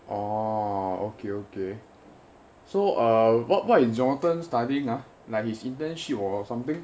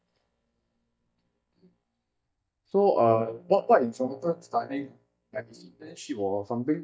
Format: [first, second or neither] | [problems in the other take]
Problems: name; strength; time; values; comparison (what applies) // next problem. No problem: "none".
first | noise reduction (neural mask model DeepFilterNet 3)